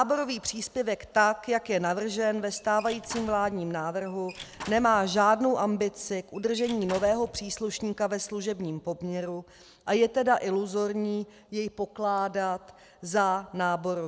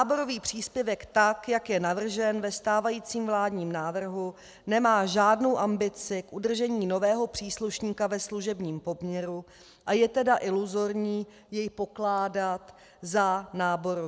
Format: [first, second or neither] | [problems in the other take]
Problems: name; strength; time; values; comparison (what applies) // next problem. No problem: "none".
second | background sound (Squeak / Slam / Wood); 16 dB below the speech